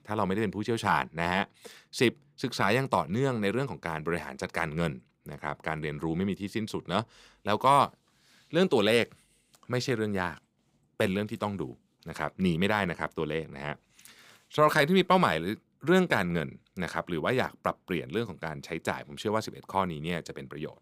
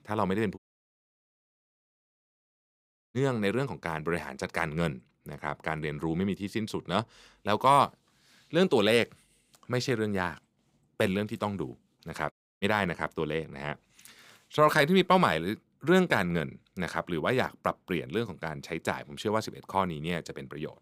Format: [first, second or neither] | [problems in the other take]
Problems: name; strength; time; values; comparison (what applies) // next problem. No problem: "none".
first | audio cutting out; at 0.5 s for 2.5 s and at 12 s